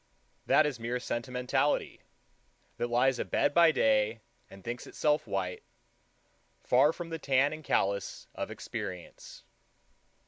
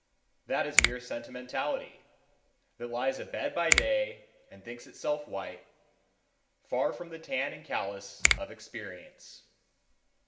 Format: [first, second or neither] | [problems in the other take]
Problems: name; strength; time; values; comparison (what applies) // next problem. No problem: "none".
first | background sound (Finger snapping); 2 dB above the speech // room echo; dies away in 1.6 s